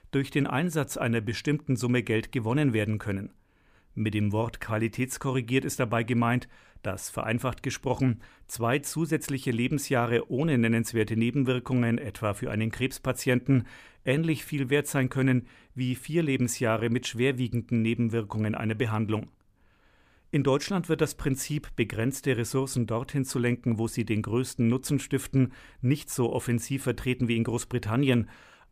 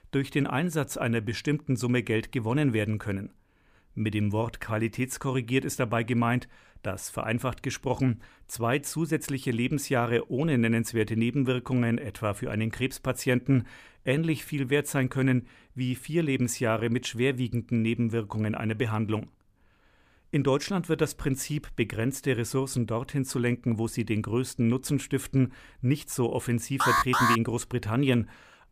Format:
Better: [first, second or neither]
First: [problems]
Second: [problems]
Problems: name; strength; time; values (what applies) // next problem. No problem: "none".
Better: first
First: none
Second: alarm; loud; at 27 s; peak 5 dB above the speech